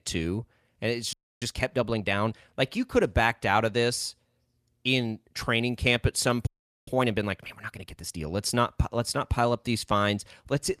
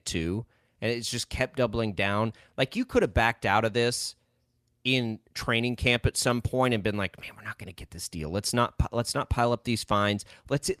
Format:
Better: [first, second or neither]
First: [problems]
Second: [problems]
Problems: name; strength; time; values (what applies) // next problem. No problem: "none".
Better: second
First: audio freezing; at 1 s and at 6.5 s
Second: none